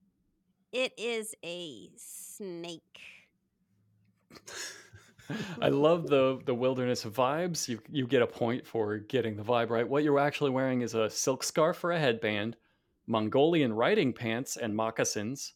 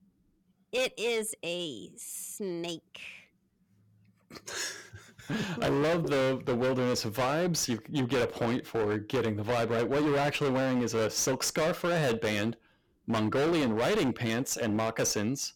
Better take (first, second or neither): first